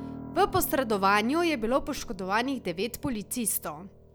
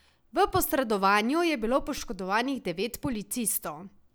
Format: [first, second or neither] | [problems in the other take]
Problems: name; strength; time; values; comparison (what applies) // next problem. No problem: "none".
second | background sound (Piano); 17 dB below the speech